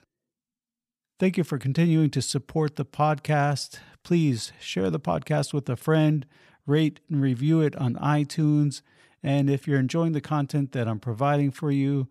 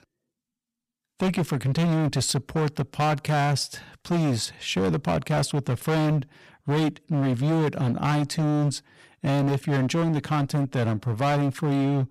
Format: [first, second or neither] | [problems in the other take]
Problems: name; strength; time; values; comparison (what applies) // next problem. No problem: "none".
first | distortion; heavy; 23% of the sound clipped